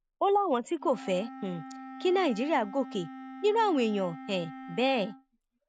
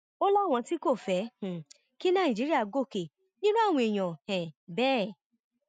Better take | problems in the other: second | background sound (Wind instrument, woodwind instrument); 15 dB below the speech

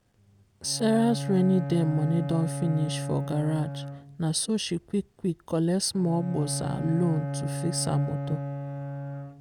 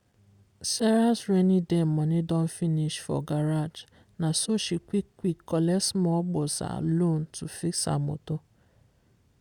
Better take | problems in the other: second | background sound (Bowed string instrument); 6 dB below the speech

